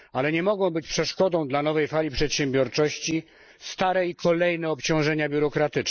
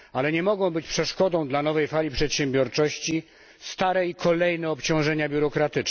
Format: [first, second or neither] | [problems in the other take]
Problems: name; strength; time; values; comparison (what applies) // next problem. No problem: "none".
second | noise reduction (neural mask model Resemble Enhance denoiser)